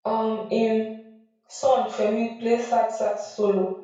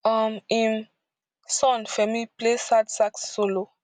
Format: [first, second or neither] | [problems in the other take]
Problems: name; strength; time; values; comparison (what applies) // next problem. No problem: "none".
second | room echo; dies away in 0.6 s